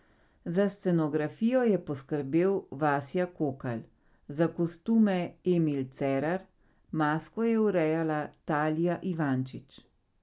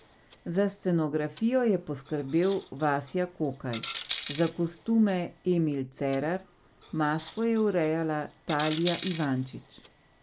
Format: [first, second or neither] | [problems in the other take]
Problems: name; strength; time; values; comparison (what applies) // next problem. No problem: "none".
first | background sound (Coin (dropping)); 16 dB below the speech